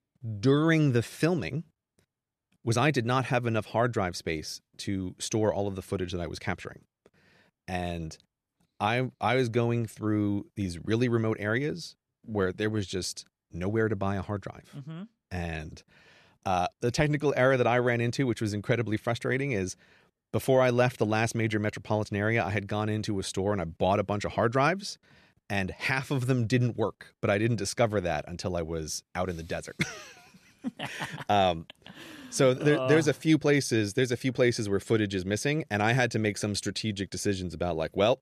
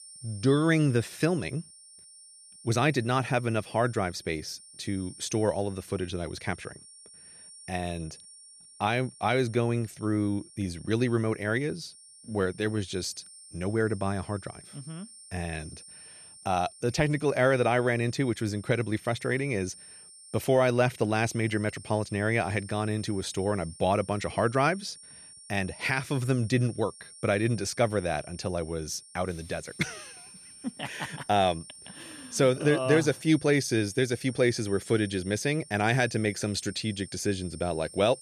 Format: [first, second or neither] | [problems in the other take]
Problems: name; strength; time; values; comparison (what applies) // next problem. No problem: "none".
first | high-pitched whine; noticeable; throughout; 8.5 kHz, 20 dB below the speech